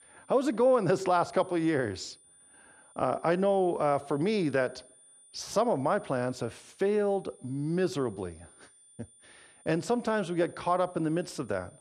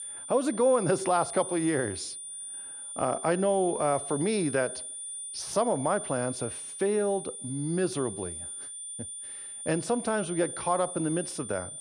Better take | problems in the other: first | high-pitched whine; loud; throughout; 9.5 kHz, 8 dB below the speech; faint in the first

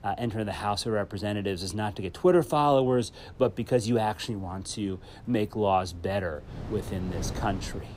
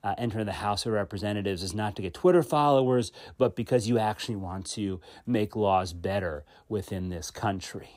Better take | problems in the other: second | wind noise on the microphone; occasional gusts; 20 dB below the speech

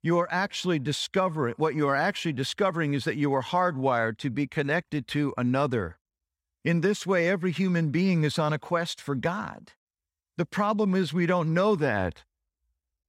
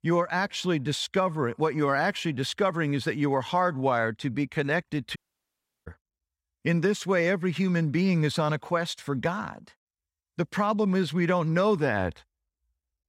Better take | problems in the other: first | audio cutting out; at 5 s for 0.5 s

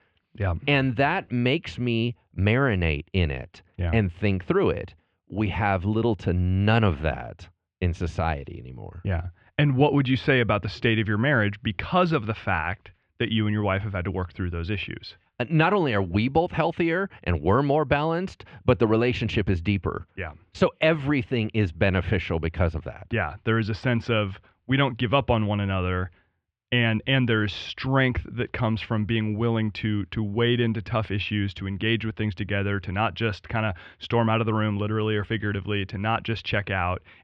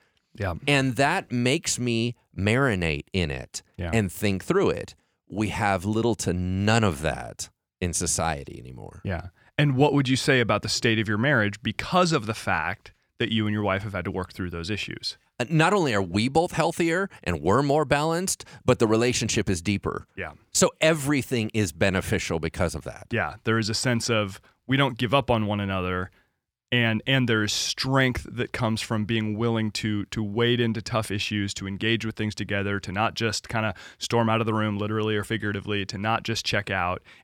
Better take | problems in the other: second | muffled; very; fading above 3 kHz

